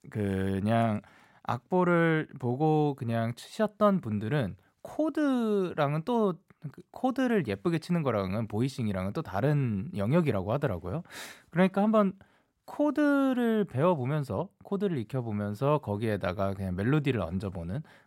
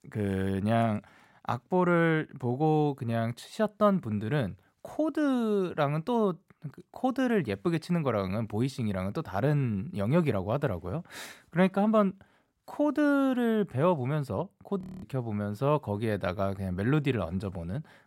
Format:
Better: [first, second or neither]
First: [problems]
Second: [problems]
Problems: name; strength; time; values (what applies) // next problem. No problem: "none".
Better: first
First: none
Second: audio freezing; at 15 s